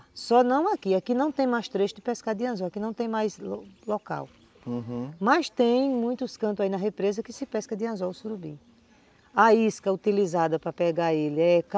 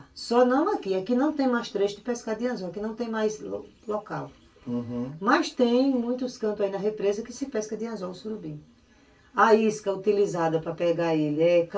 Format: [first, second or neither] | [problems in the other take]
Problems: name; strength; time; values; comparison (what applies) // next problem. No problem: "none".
first | room echo; dies away in 0.2 s